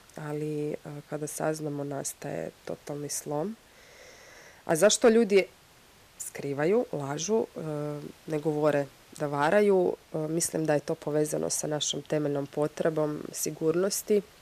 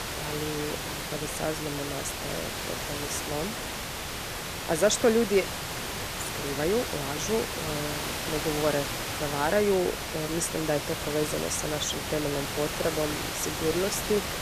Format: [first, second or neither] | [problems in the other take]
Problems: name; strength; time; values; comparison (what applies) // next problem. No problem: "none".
first | hiss; loud; throughout; 2 dB below the speech; faint in the first